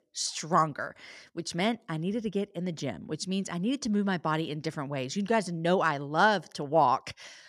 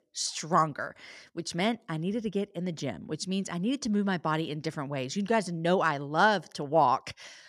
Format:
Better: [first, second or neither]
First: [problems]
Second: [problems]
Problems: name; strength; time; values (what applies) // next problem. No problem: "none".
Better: neither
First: none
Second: none